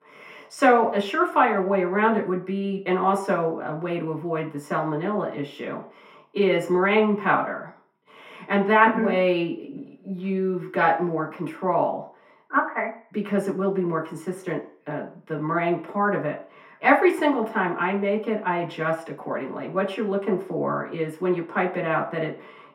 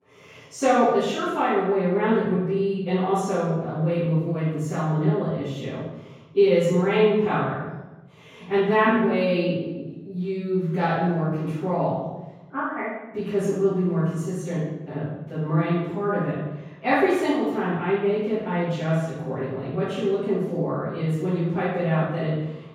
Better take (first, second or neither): first